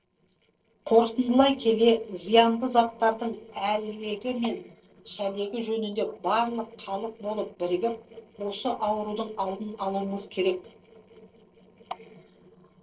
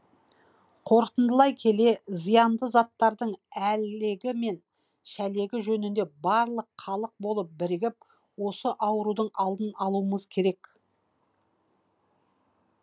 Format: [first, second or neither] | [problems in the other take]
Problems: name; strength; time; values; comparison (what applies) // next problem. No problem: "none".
second | noise reduction (neural separator model SepFormer DNS4)